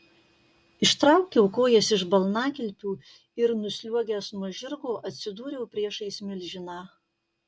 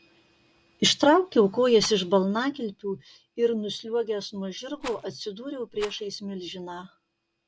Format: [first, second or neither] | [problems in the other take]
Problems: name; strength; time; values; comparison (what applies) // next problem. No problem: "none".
first | background sound (Rattle); 18 dB below the speech